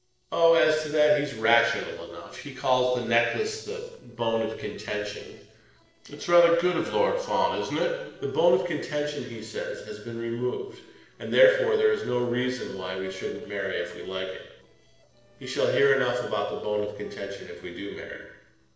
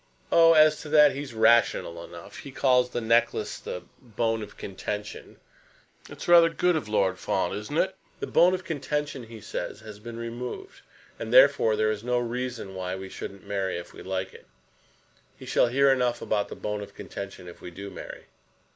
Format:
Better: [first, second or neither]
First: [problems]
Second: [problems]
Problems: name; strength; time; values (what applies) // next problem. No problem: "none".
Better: second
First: noise reduction (neural separator model SepFormer DNS4)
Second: none